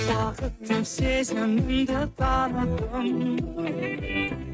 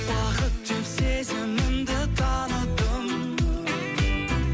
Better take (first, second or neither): second